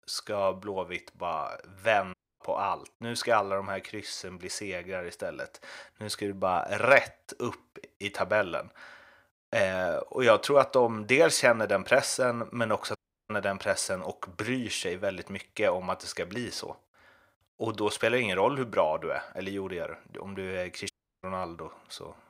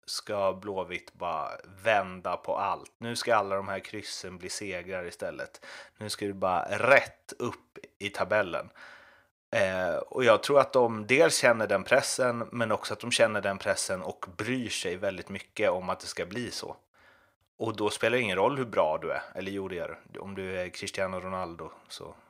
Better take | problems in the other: second | audio cutting out; at 2 s, at 13 s and at 21 s

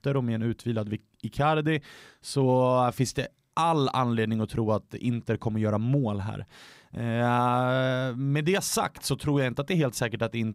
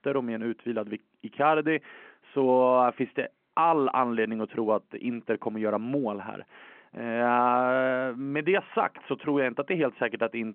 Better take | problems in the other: first | phone-call audio

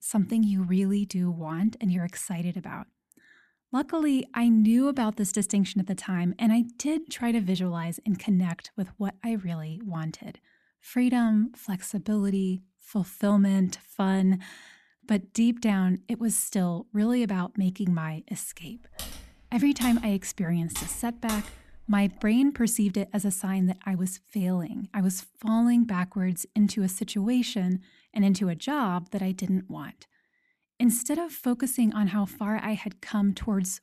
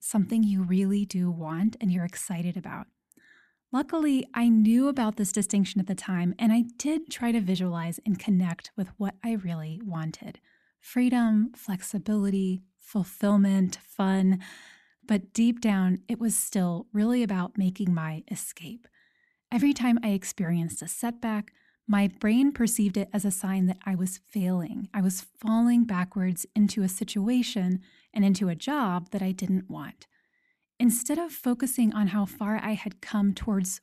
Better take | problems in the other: second | keyboard typing; noticeable; from 19 to 22 s; peak 10 dB below the speech

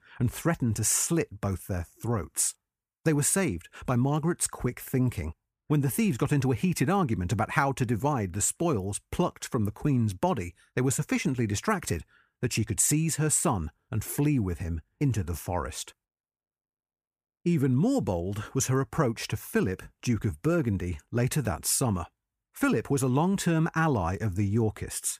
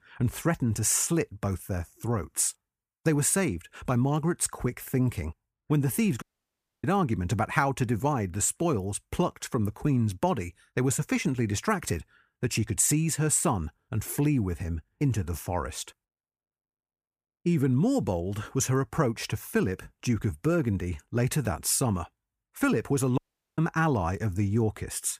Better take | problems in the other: first | audio cutting out; at 6 s for 0.5 s and at 23 s

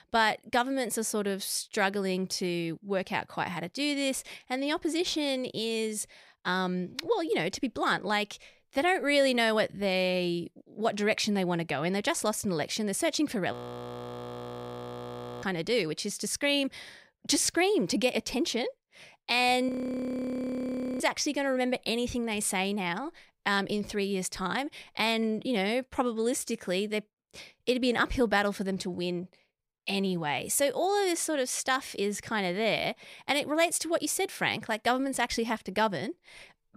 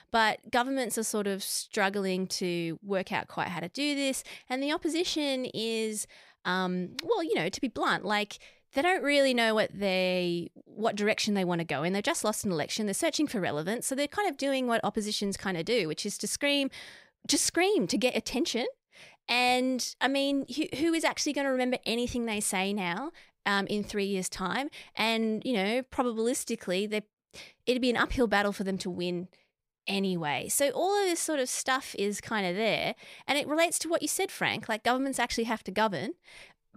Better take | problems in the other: second | audio freezing; at 14 s for 2 s and at 20 s for 1.5 s

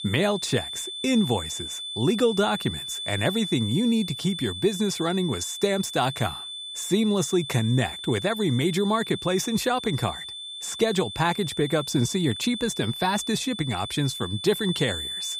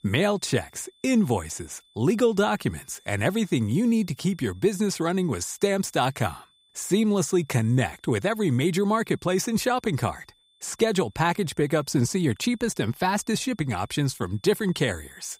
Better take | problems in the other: second | high-pitched whine; loud; throughout; 3.5 kHz, 7 dB below the speech; faint in the second

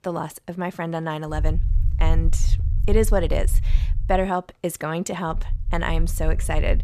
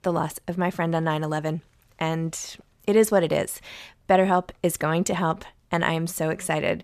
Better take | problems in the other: second | low rumble; noticeable; from 1.5 to 4 s and from 5.5 s on; 20 dB below the speech

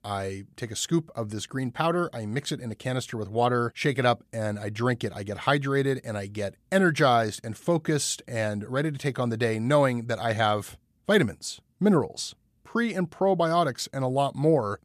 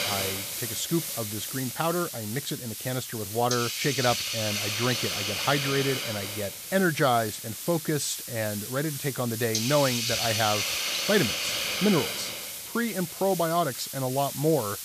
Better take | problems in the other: first | hiss; loud; throughout; 2 dB below the speech

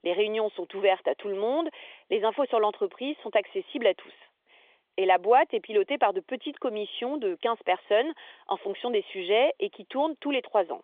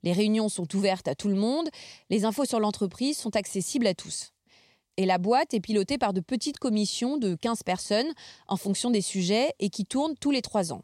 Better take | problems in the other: second | phone-call audio; nothing above 3.5 kHz

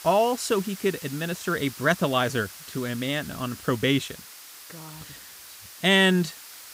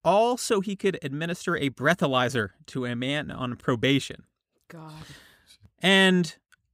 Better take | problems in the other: second | hiss; noticeable; throughout; 15 dB below the speech

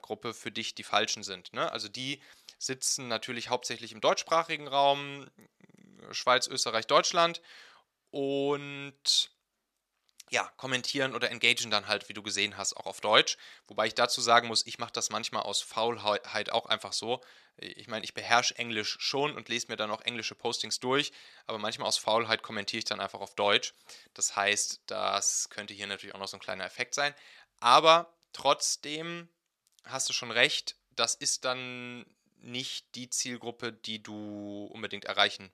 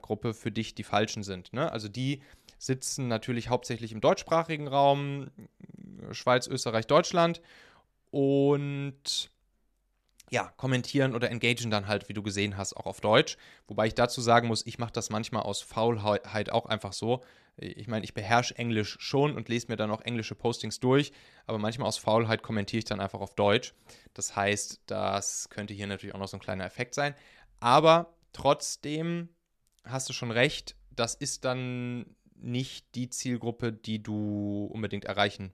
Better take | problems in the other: second | thin; somewhat; fading below 800 Hz

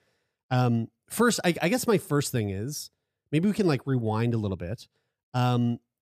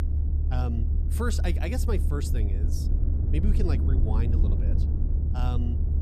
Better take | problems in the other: first | low rumble; loud; throughout; 4 dB below the speech

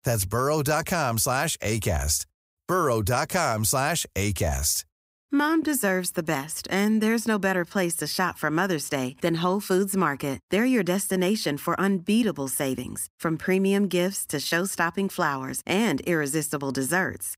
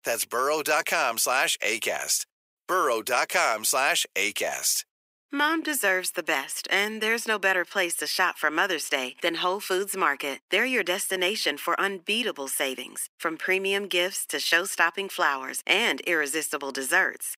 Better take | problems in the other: first | thin; very; fading below 350 Hz

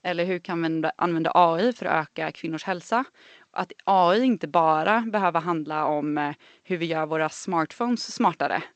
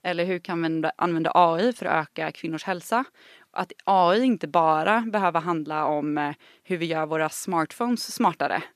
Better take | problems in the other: second | garbled, watery; slightly; nothing above 8 kHz

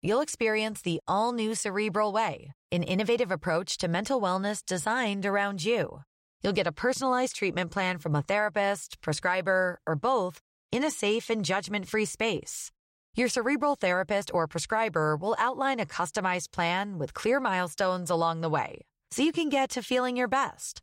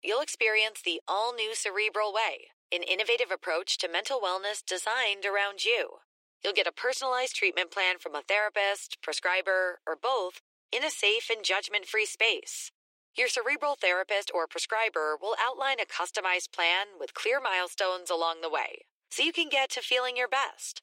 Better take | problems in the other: first | thin; very; fading below 350 Hz

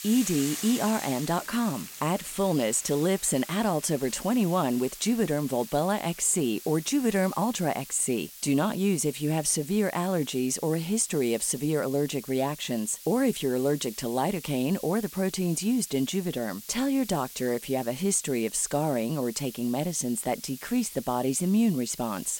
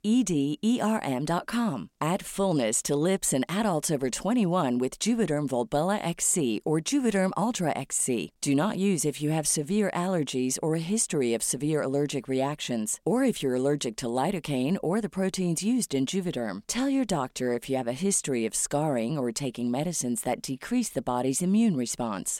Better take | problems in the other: second | hiss; noticeable; throughout; 15 dB below the speech

